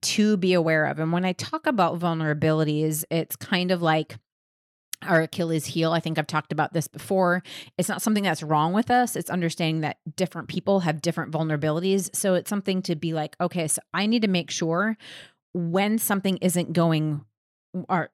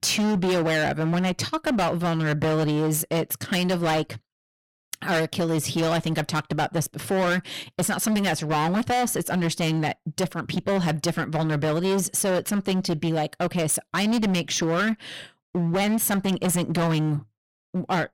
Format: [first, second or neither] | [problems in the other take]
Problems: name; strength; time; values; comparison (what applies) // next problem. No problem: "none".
first | distortion; heavy; 21% of the sound clipped